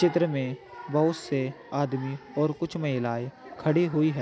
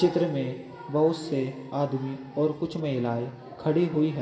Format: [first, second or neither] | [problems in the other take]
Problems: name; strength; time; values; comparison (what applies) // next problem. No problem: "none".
first | room echo; dies away in 1.7 s